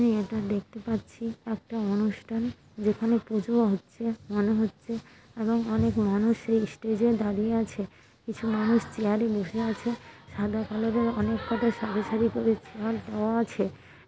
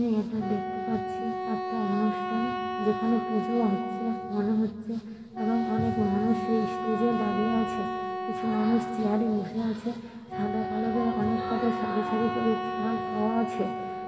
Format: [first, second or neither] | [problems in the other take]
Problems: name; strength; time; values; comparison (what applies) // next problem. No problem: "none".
first | background sound (Wind instrument, woodwind instrument); 5 dB below the speech // room echo; dies away in 2.2 s